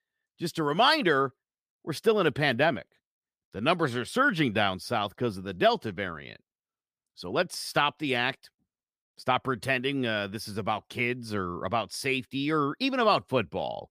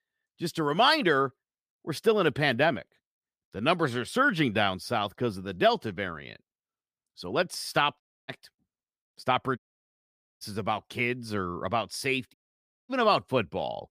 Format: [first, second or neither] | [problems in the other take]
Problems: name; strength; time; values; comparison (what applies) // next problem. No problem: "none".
first | audio cutting out; at 8 s, at 9.5 s for 1 s and at 12 s for 0.5 s